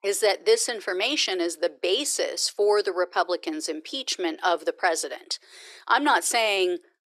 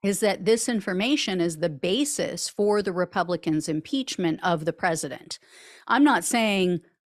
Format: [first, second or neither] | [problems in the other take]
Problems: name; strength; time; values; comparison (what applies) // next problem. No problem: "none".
second | thin; very; fading below 350 Hz